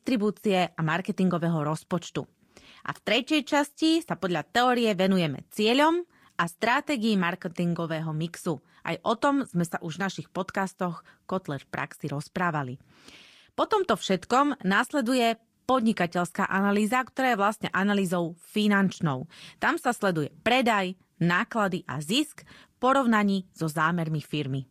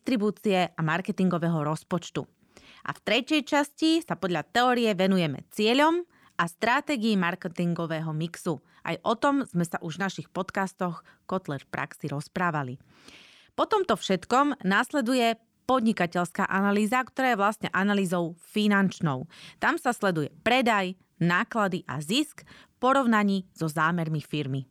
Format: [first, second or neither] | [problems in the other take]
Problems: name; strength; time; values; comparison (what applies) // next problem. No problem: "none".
second | garbled, watery; slightly; nothing above 14.5 kHz